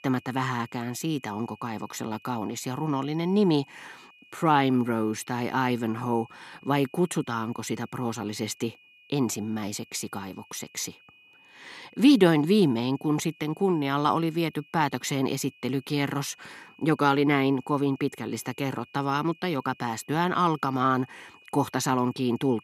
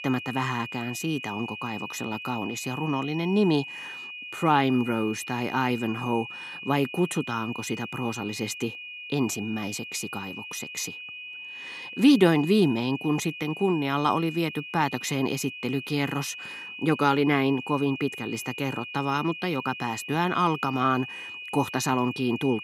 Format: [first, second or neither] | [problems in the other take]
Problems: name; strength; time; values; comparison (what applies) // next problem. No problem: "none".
first | high-pitched whine; loud; throughout; 2.5 kHz, 10 dB below the speech; faint in the first